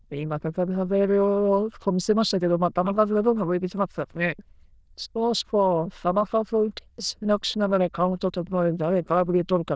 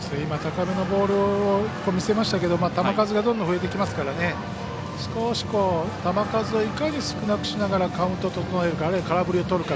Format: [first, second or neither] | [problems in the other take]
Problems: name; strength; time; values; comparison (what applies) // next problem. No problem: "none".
second | noise reduction (neural diffusion model UNIVERSE++)